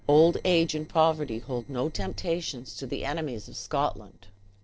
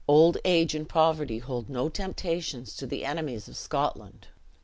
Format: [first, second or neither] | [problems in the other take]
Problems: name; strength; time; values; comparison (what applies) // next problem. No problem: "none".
second | noise reduction (neural separator model SepFormer DNS4)